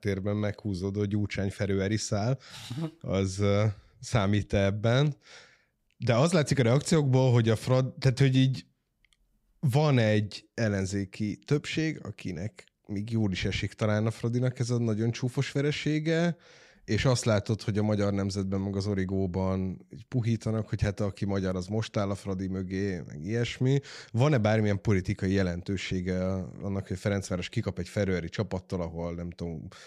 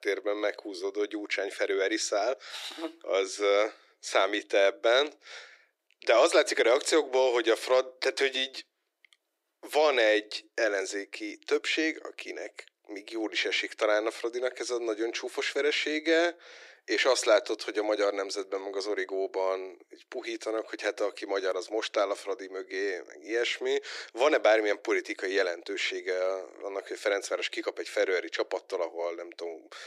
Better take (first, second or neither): first